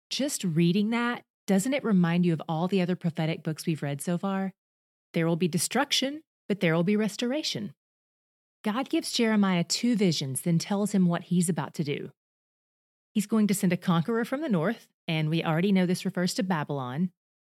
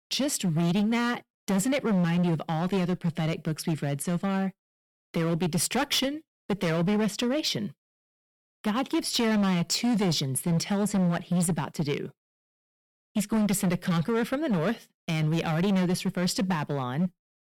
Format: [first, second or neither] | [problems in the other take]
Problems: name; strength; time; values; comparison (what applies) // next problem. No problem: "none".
first | distortion; slight; 15% of the sound clipped